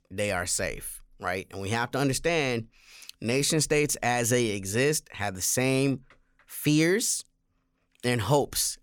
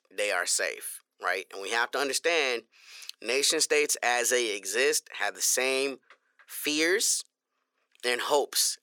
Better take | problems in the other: first | thin; very; fading below 400 Hz

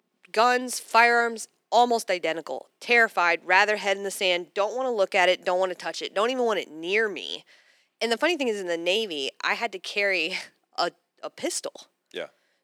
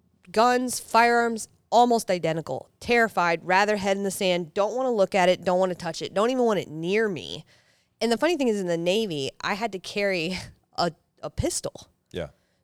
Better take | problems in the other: second | thin; somewhat; fading below 250 Hz

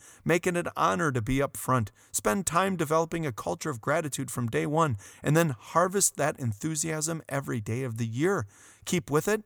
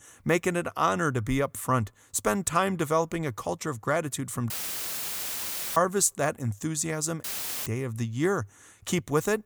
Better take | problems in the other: first | audio cutting out; filled with static; at 4.5 s for 1.5 s and at 7 s

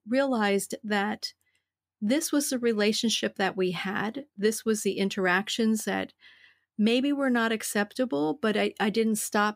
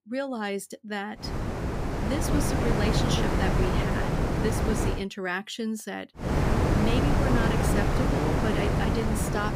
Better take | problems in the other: first | wind noise on the microphone; heavy; from 1 to 5 s and from 6.5 s on; 3 dB above the speech

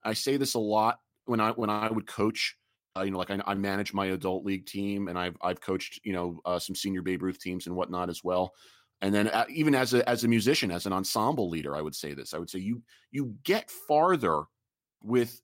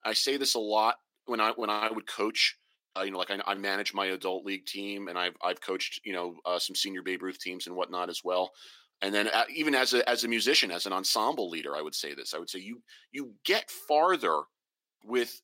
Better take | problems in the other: first | thin; somewhat; fading below 300 Hz

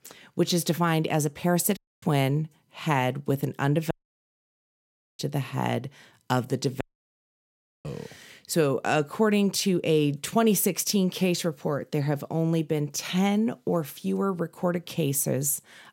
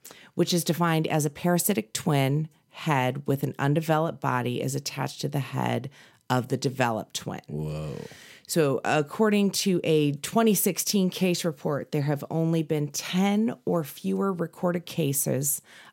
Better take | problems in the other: second | audio cutting out; at 2 s, at 4 s for 1.5 s and at 7 s for 1 s

